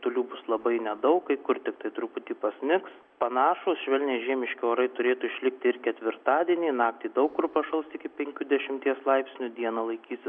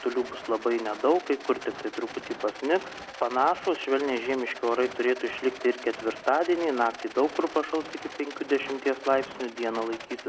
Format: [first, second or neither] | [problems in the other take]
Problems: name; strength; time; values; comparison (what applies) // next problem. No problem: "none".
first | background sound (Rattle); 14 dB below the speech